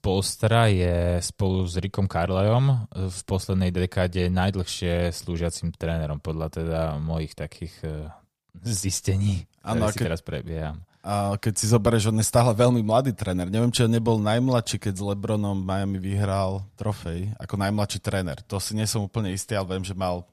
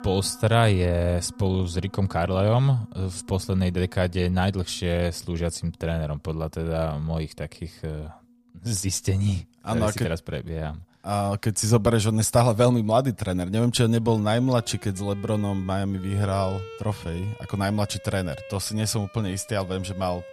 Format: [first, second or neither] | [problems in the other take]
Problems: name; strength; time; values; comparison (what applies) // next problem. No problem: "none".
first | background music; faint; throughout; 20 dB below the speech